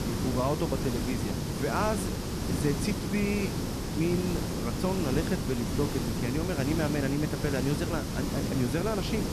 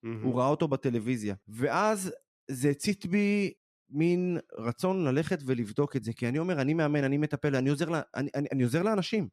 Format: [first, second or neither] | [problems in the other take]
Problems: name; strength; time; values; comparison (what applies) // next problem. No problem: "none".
second | hiss; loud; throughout; as loud as the speech